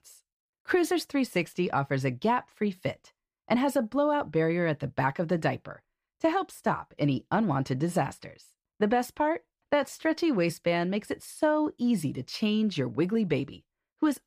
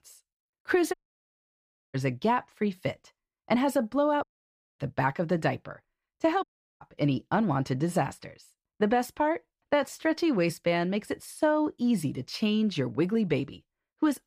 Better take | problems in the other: first | audio cutting out; at 1 s for 1 s, at 4 s for 0.5 s and at 6.5 s

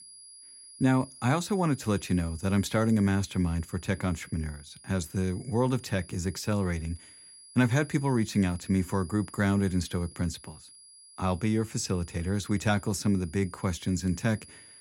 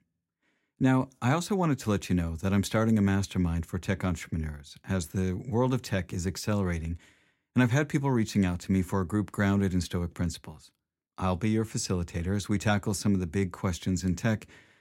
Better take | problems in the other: second | high-pitched whine; noticeable; throughout; 10.5 kHz, 20 dB below the speech

